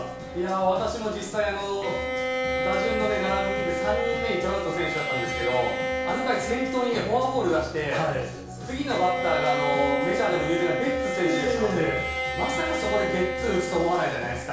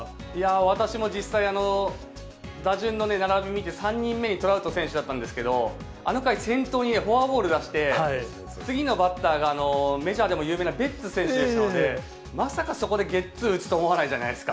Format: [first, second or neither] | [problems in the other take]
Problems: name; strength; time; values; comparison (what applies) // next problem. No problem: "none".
second | background sound (Bowed string instrument); 3 dB below the speech // room echo; dies away in 0.6 s